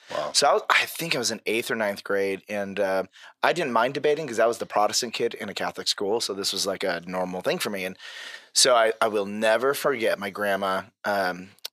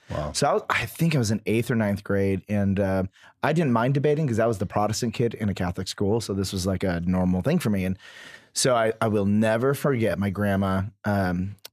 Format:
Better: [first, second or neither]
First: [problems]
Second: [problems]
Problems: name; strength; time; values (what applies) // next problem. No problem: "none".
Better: second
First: thin; somewhat; fading below 500 Hz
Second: none